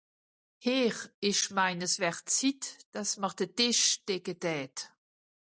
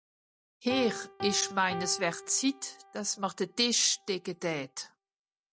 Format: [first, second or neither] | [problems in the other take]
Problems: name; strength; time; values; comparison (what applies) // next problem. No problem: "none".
first | background sound (Piano); 12 dB below the speech